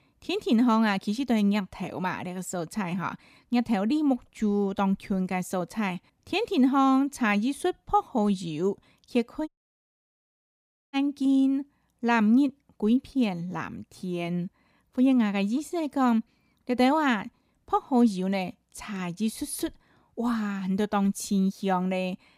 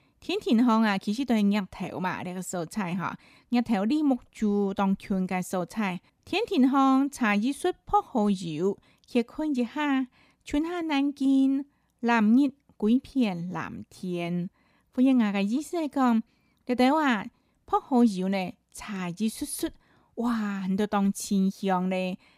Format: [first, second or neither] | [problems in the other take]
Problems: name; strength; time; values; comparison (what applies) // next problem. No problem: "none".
second | audio cutting out; at 9.5 s for 1.5 s